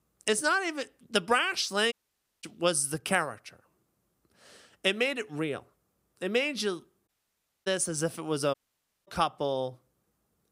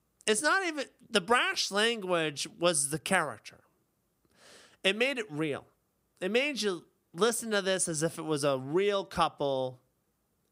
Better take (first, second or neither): second